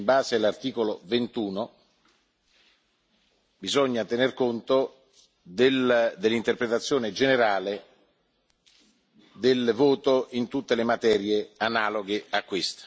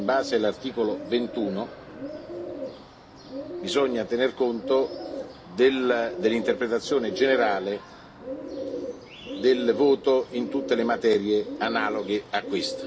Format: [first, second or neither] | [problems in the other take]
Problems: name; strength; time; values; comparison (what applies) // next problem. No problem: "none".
first | background sound (Bird); 10 dB below the speech // room echo; dies away in 0.3 s